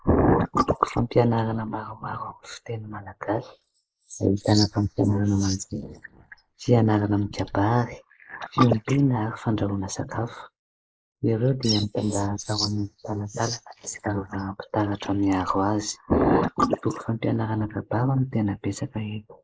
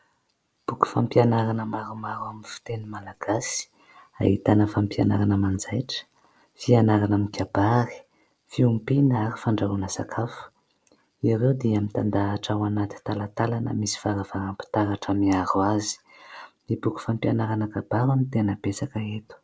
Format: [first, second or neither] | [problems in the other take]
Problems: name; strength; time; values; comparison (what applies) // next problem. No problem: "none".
second | noise reduction (neural mask model Resemble Enhance denoiser)